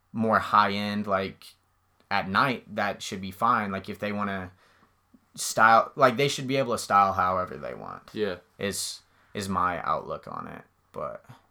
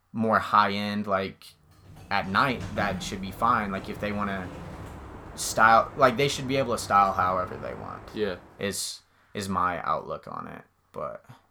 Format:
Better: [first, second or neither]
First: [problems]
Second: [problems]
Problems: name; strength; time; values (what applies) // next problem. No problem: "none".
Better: first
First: none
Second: door banging; noticeable; from 2 to 8.5 s; peak 10 dB below the speech